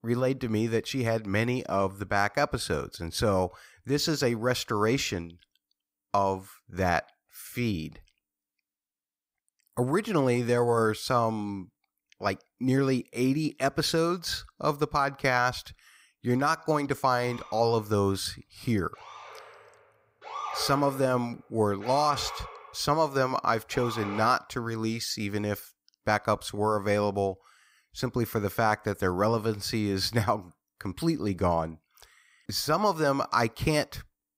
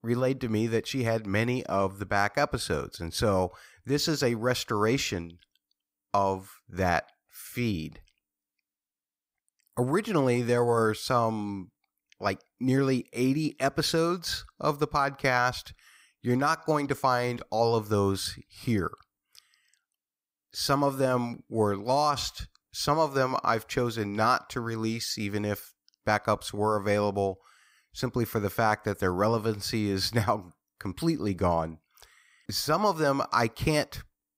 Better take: second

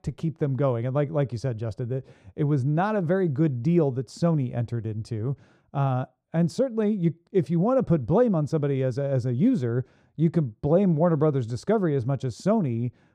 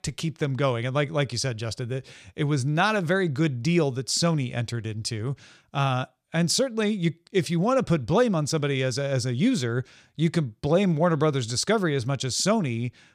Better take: second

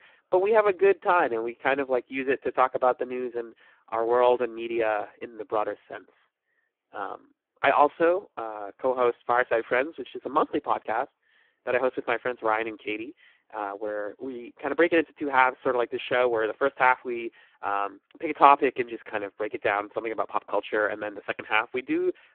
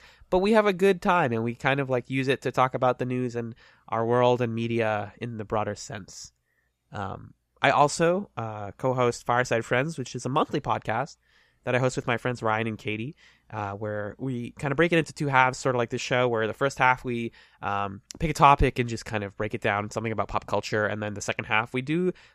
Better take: second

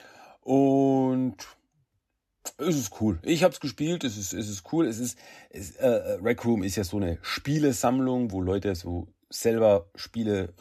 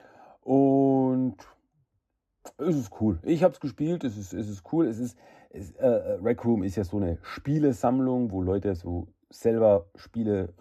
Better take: first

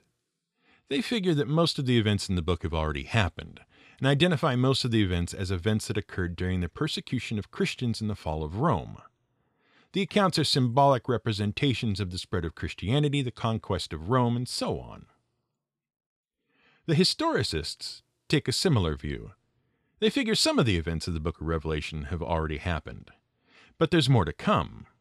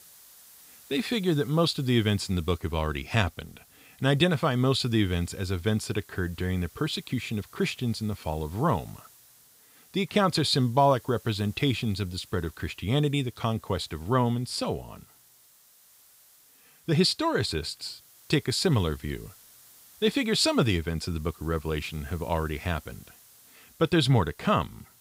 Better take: first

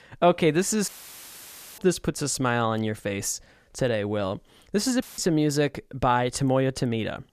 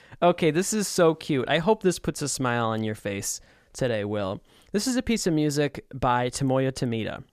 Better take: second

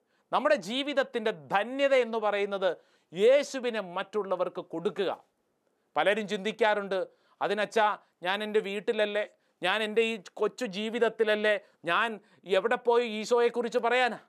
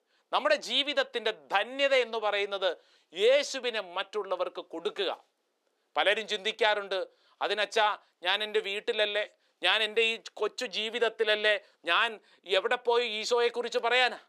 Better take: first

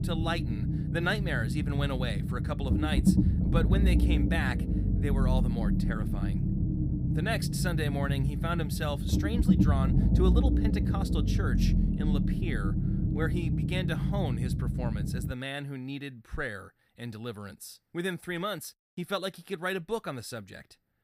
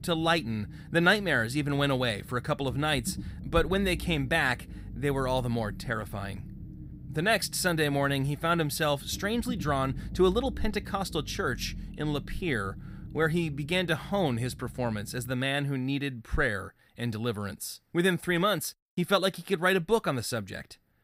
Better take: second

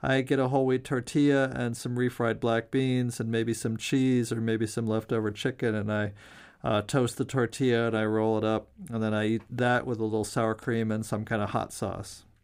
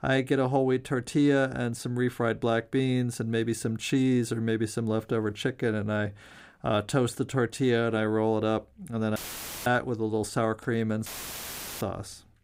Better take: first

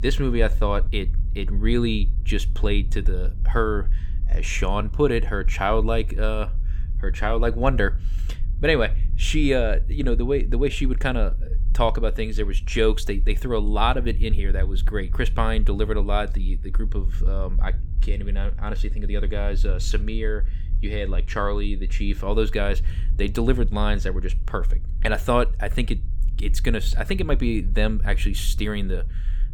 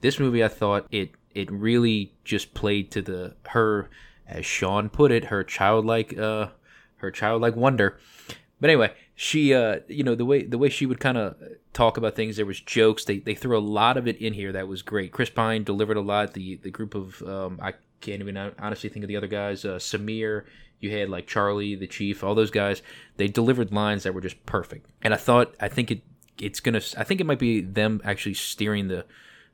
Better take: second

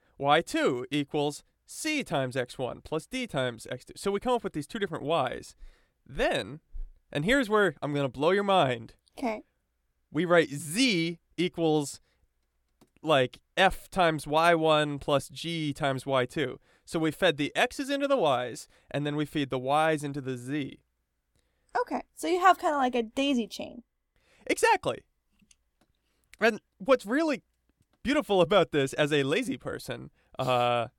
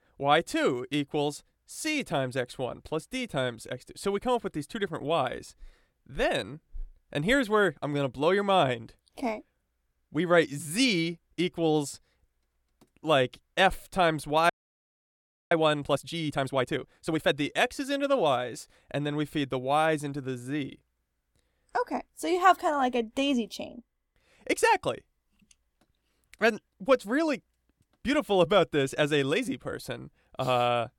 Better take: first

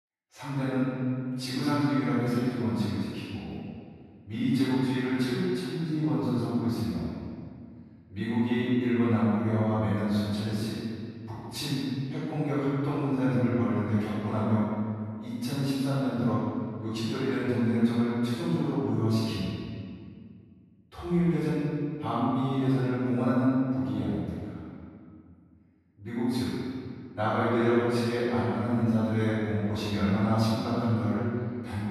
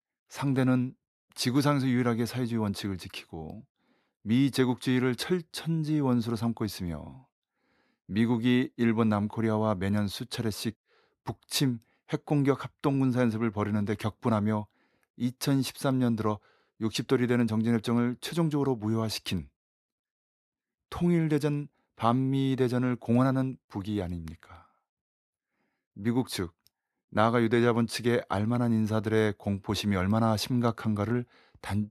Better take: second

